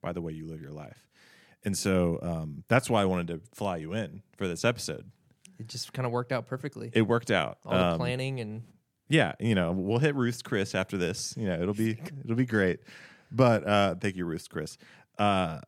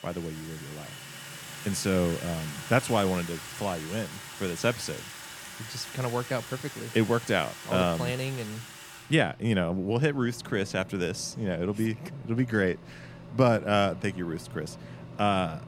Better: first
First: none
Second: household noises; noticeable; throughout; 15 dB below the speech

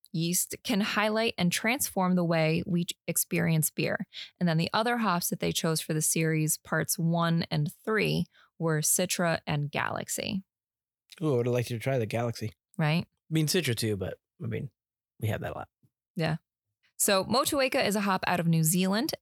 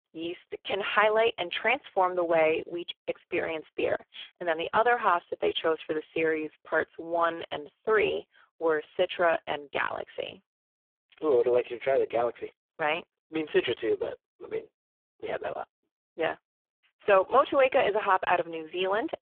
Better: first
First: none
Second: phone-call audio; poor line

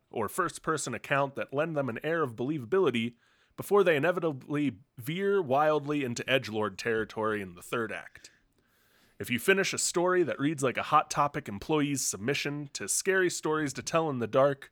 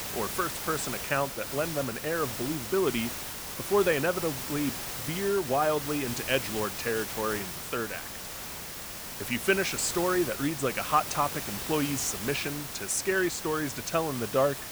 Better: first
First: none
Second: hiss; loud; throughout; 5 dB below the speech

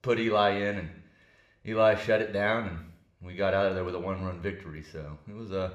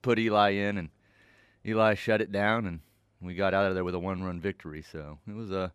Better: second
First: room echo; slight; dies away in 0.6 s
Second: none

